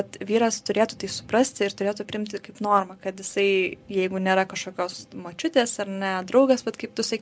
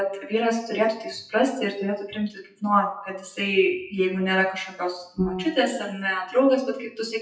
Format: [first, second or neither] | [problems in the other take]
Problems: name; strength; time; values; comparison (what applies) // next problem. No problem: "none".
first | noise reduction (classical method WPE with log-MMSE)